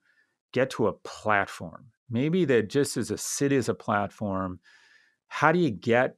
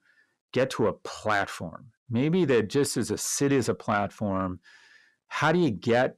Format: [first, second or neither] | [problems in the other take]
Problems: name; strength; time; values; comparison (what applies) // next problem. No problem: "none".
first | distortion; slight; 10 dB below the speech